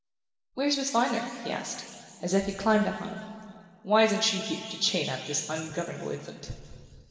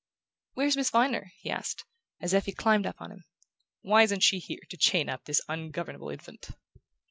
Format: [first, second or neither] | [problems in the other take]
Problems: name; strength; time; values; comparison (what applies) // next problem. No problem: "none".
second | room echo; dies away in 2.3 s